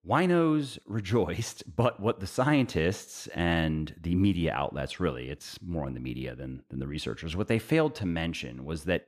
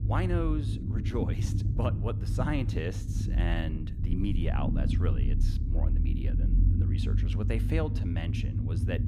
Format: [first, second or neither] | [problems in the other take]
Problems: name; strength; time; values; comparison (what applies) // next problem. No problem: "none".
first | low rumble; loud; throughout; 5 dB below the speech